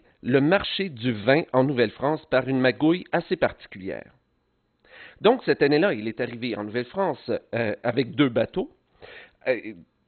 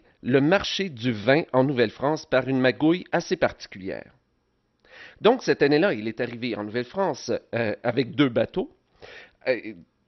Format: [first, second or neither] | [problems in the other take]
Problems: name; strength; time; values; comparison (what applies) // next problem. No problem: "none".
second | garbled, watery; badly; nothing above 4 kHz; slightly in the second